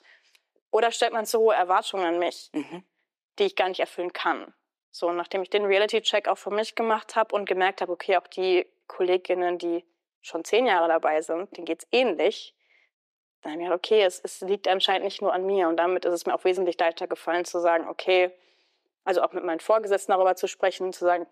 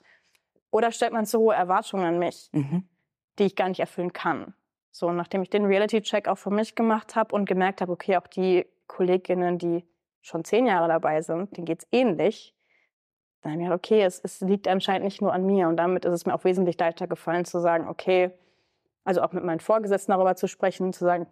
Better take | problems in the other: second | thin; somewhat; fading below 300 Hz

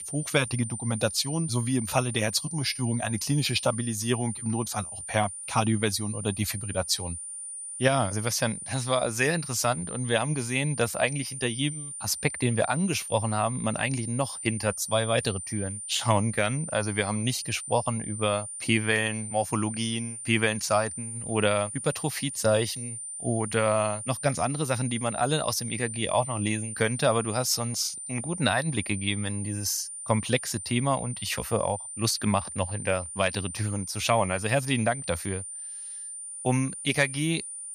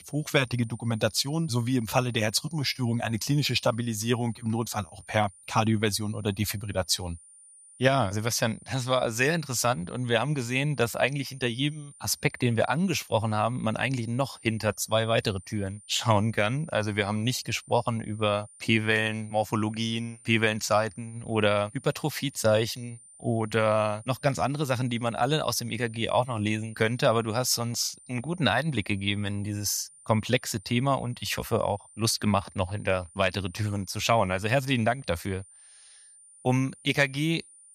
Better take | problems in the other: second | high-pitched whine; loud; throughout; 9 kHz, 7 dB below the speech; faint in the second

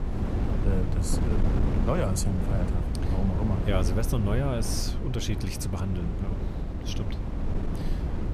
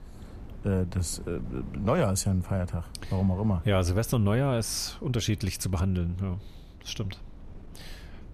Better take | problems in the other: second | wind noise on the microphone; heavy; 3 dB below the speech; occasional gusts in the second

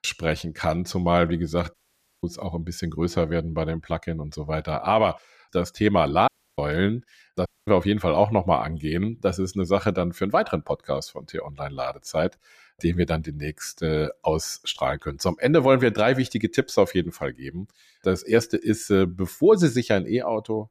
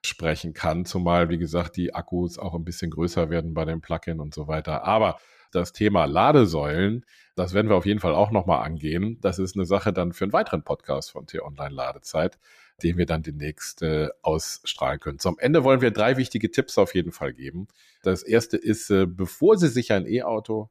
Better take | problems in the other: second | audio cutting out; at 1.5 s, at 6.5 s and at 7.5 s

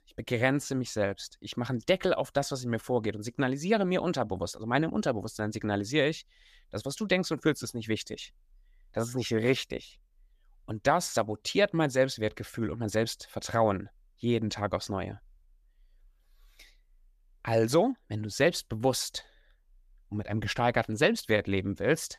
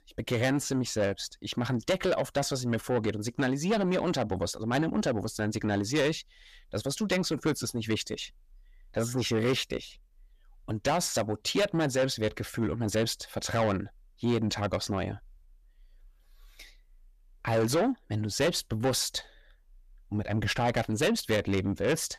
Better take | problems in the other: first | distortion; heavy; 8 dB below the speech

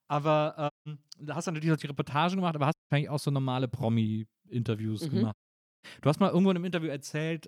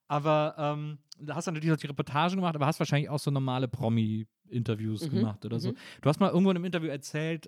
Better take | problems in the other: second | audio cutting out; at 0.5 s, at 2.5 s and at 5.5 s

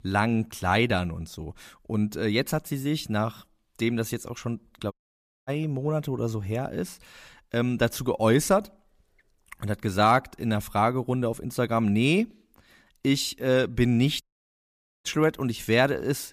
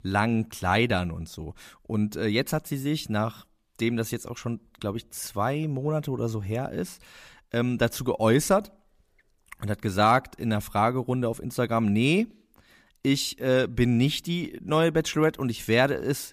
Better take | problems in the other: second | audio cutting out; at 5 s for 0.5 s and at 14 s for 1 s

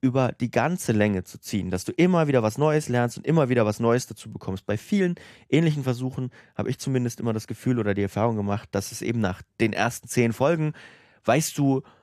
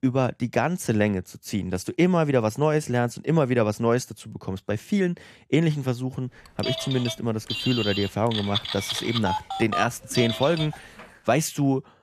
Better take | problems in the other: first | phone ringing; noticeable; from 6.5 to 11 s; peak 2 dB below the speech

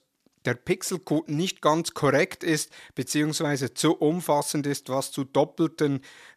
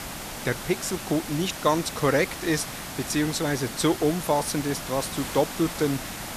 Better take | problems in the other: first | hiss; loud; throughout; 8 dB below the speech

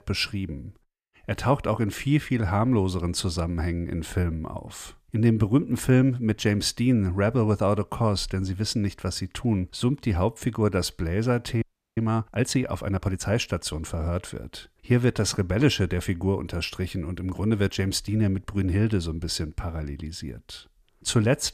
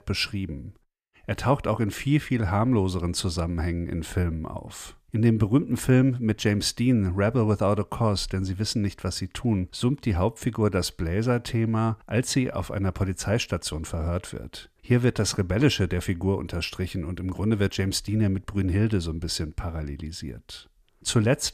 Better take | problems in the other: second | audio freezing; at 12 s

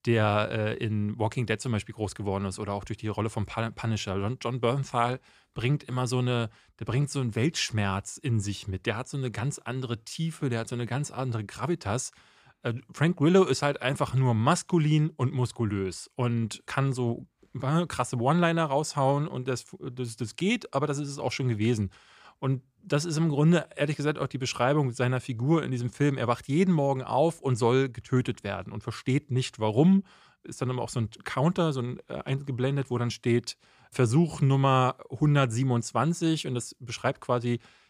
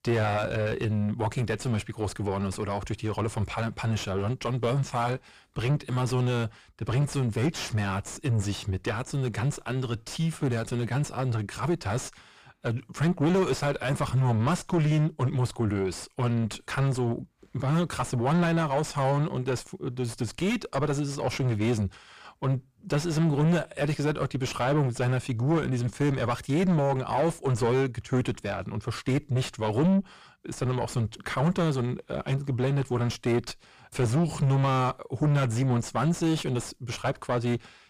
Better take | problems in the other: first | distortion; heavy; 5 dB below the speech

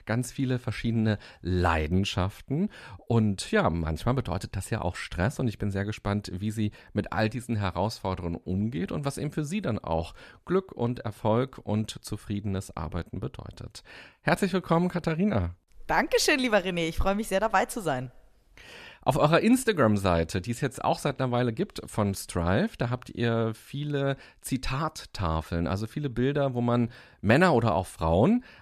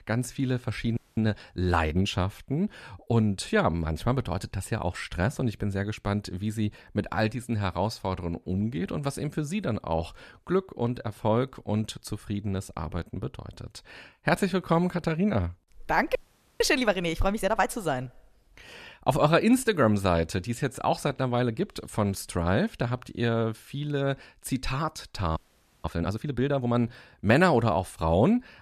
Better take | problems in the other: first | audio freezing; at 1 s, at 16 s and at 25 s

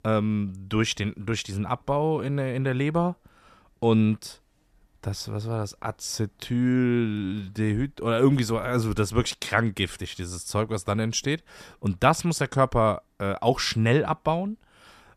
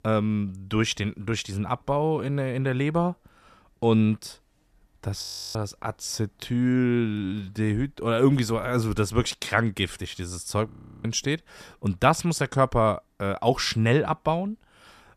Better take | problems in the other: first | audio freezing; at 5 s and at 11 s

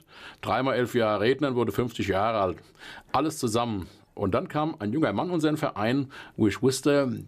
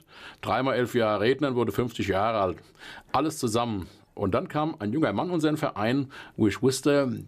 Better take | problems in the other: neither | none

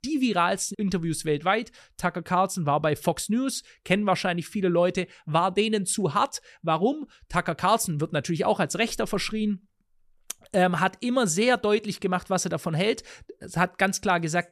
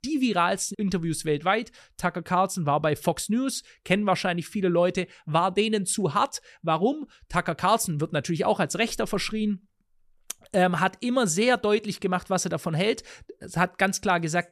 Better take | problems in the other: neither | none

